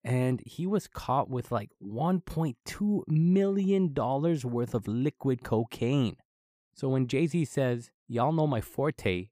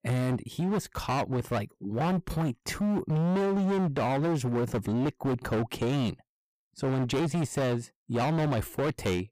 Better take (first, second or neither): first